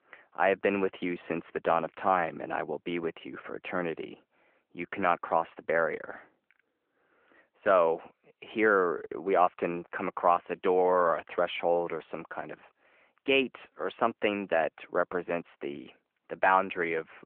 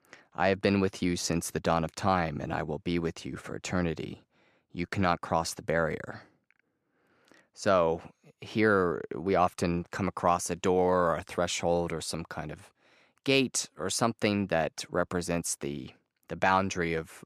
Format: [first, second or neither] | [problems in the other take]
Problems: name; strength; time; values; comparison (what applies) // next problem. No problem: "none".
second | phone-call audio